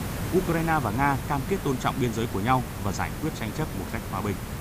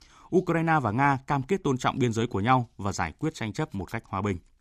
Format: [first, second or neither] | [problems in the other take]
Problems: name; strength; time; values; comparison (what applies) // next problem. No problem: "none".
second | hiss; loud; throughout; 6 dB below the speech